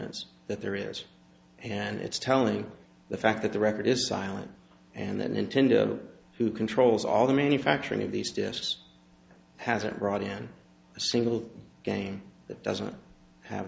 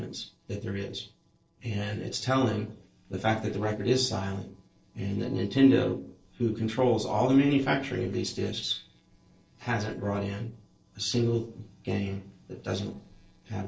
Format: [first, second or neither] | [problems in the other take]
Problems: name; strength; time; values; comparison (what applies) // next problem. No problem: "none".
first | noise reduction (neural separator model SepFormer DNS4)